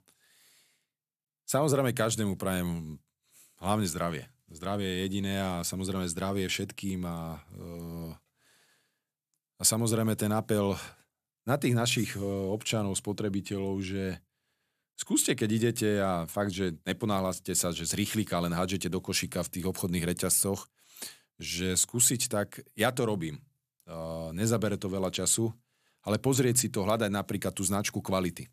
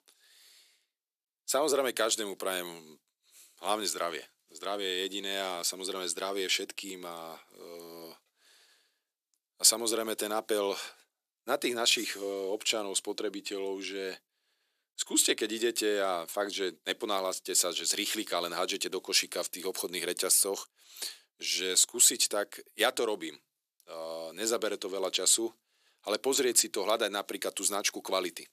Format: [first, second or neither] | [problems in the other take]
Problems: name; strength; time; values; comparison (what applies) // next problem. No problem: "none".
first | thin; somewhat; fading below 350 Hz